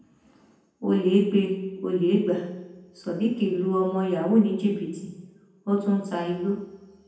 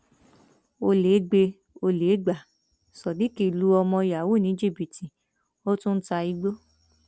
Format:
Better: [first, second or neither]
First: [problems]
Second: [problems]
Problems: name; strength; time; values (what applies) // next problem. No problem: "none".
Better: second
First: room echo; dies away in 0.9 s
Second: none